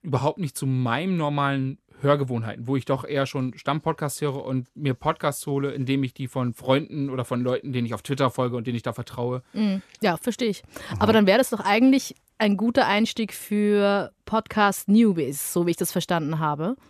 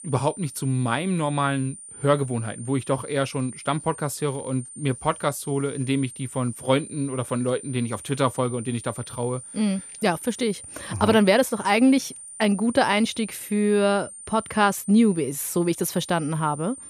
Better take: first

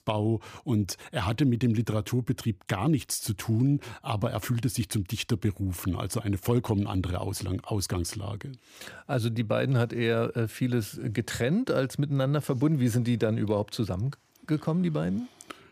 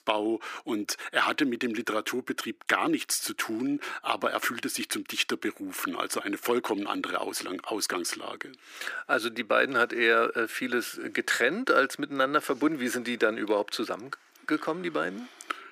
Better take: first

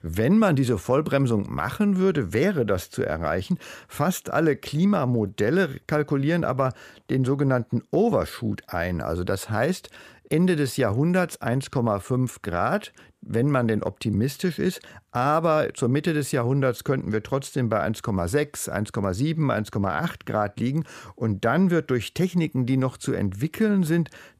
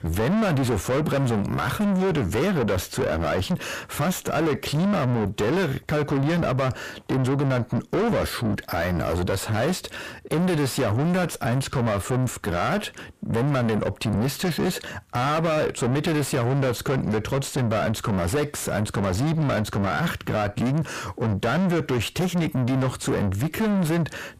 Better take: first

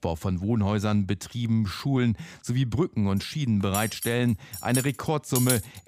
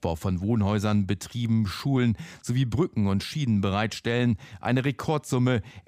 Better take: second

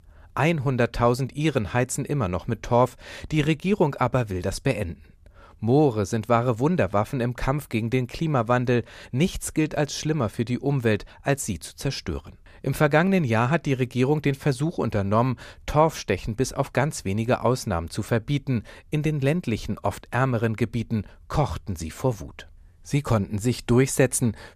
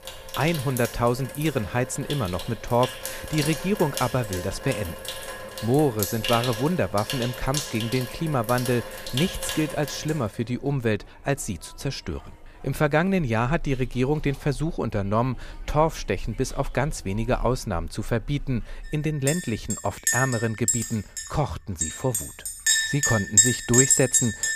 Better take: first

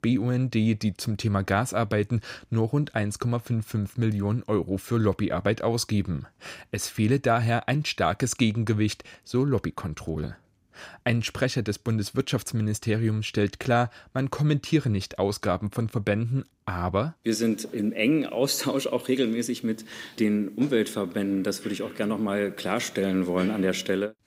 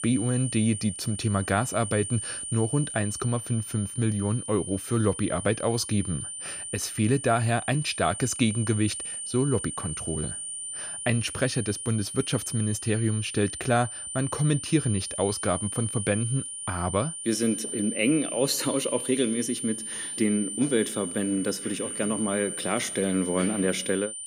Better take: first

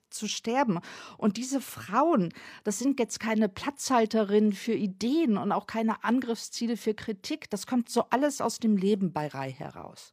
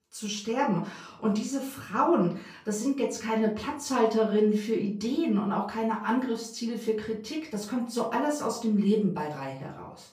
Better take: first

